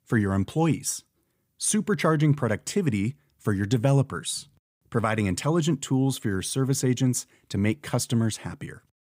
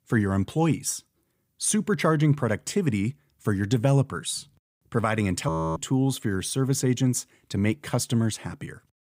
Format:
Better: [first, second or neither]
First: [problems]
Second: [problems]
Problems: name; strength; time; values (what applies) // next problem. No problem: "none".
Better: first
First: none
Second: audio freezing; at 5.5 s